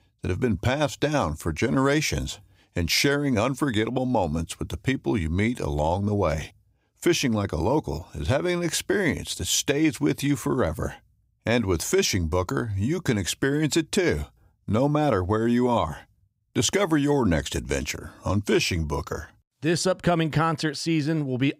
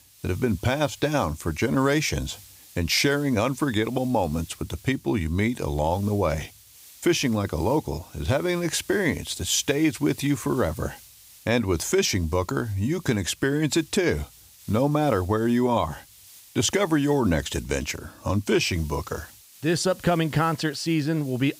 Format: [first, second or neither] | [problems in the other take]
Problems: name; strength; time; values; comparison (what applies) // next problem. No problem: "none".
first | hiss; faint; throughout; 20 dB below the speech